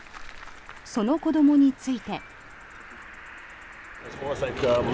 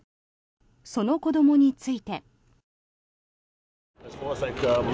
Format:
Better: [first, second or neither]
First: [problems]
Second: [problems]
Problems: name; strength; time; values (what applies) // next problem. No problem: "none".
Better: second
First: background sound (Cricket); 17 dB below the speech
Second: none